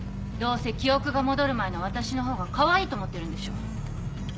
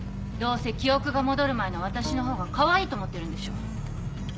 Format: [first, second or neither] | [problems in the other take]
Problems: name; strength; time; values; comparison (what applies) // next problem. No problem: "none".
first | background sound (Bowed string instrument); 13 dB below the speech